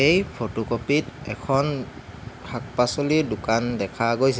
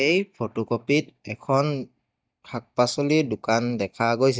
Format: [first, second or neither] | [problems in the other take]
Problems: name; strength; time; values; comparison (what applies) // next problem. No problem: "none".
first | noise reduction (neural mask model DeepFilterNet 3)